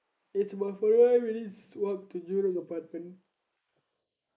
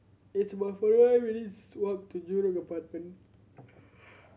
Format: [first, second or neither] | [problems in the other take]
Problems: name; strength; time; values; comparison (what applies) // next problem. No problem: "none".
second | noise reduction (neural mask model Resemble Enhance denoiser)